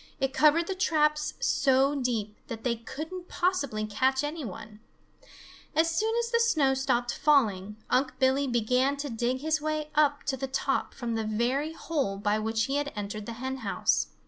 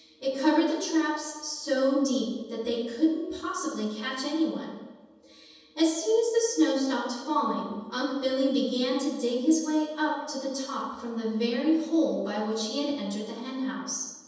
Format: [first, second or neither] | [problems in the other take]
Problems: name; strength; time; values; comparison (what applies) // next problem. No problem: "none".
first | room echo; dies away in 1.1 s